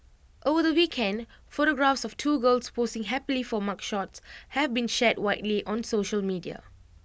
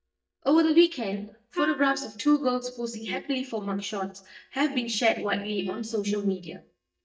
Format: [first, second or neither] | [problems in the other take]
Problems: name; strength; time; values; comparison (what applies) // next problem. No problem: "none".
first | noise reduction (neural mask model DeepFilterNet 3)